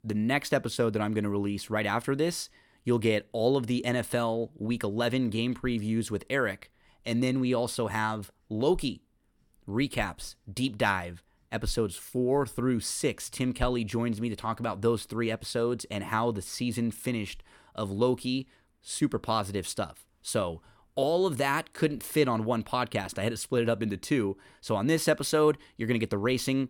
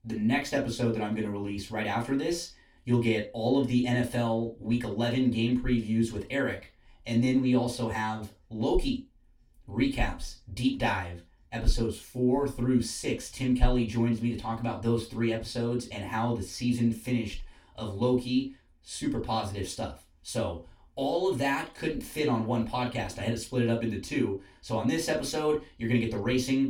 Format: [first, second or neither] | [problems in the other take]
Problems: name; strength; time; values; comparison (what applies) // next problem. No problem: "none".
first | room echo; slight; dies away in 0.2 s // off-mic speech; far